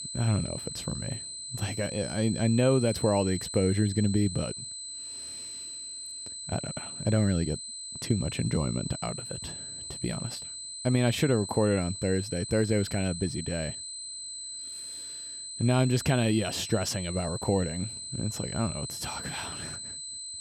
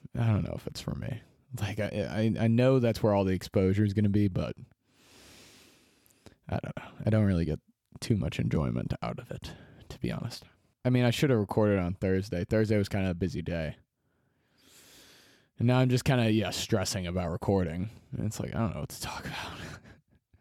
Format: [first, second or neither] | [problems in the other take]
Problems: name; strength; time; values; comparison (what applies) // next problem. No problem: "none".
second | high-pitched whine; loud; throughout; 8 kHz, 7 dB below the speech